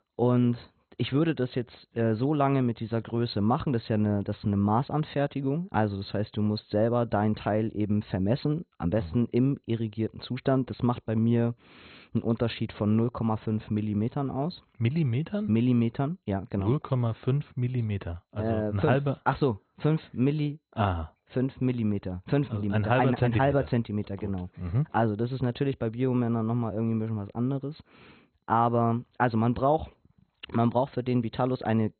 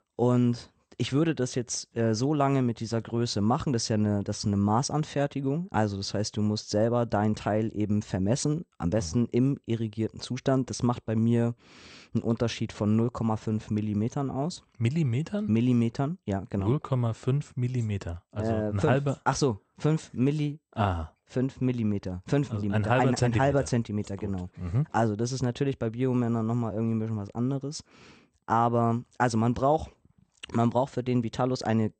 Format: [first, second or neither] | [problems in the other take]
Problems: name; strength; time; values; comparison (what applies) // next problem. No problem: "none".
second | garbled, watery; badly; nothing above 4 kHz; slightly in the second